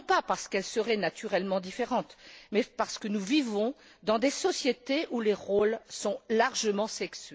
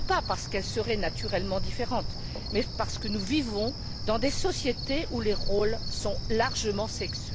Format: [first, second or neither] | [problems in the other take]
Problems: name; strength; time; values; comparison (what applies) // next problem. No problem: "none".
first | background sound (Cricket); 1 dB below the speech